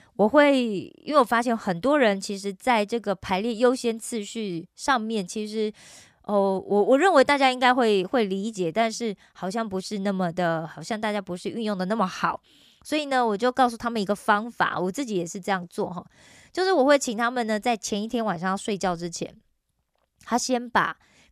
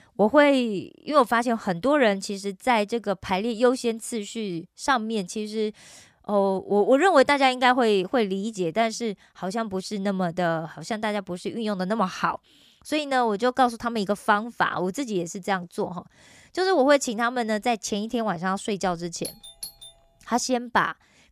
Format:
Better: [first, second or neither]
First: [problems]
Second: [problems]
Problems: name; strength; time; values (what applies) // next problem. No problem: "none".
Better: first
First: none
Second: doorbell; faint; at 19 s; peak 15 dB below the speech